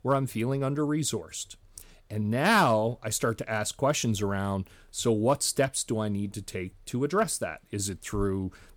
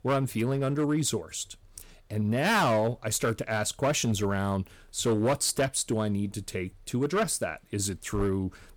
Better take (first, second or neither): first